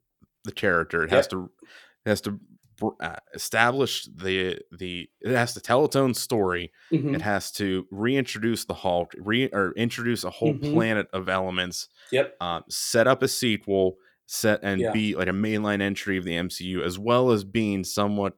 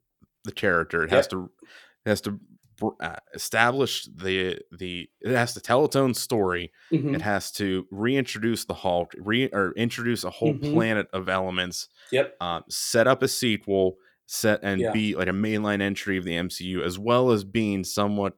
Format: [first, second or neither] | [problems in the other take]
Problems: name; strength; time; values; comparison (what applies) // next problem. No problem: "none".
neither | none